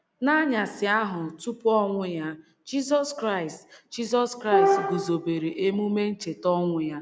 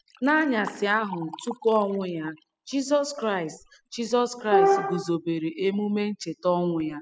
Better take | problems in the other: first | noise reduction (classical method spectral subtraction)

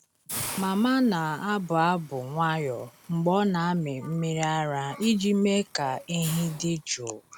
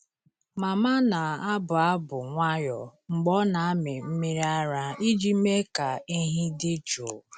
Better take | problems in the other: second | background sound (Hiss); 17 dB below the speech

